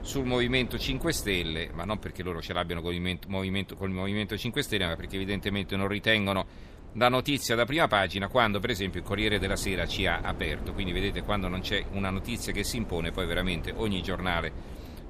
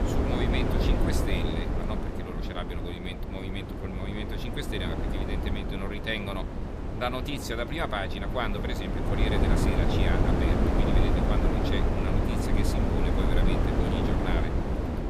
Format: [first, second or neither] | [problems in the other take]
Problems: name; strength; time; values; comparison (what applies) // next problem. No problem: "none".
first | wind noise on the microphone; heavy; 2 dB above the speech; occasional gusts in the first